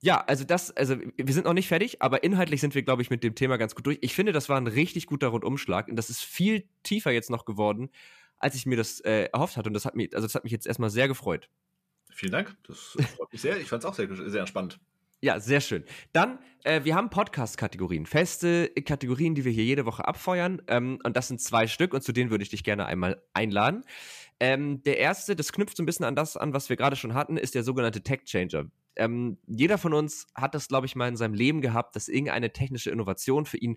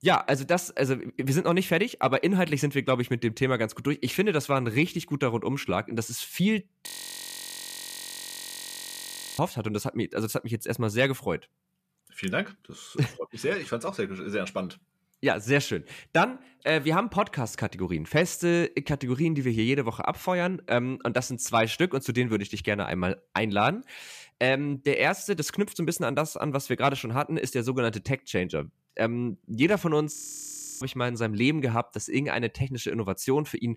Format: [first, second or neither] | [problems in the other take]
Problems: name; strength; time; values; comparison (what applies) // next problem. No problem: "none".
first | audio freezing; at 7 s for 2.5 s and at 30 s for 0.5 s